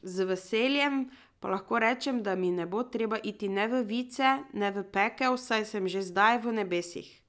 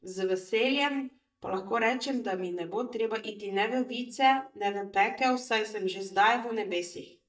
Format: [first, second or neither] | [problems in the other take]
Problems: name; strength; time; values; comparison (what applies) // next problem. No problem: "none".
first | noise reduction (neural mask model DeepFilterNet 3)